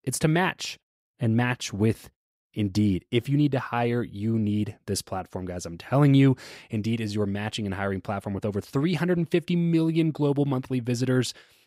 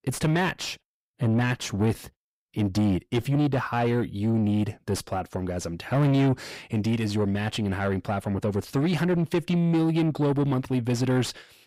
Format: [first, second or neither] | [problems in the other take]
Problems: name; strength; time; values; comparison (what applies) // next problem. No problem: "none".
first | distortion; slight; 10 dB below the speech